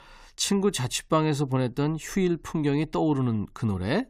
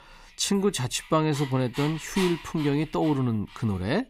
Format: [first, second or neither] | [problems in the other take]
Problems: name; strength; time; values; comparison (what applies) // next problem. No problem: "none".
first | dog barking; noticeable; from 1 to 3.5 s; peak 7 dB below the speech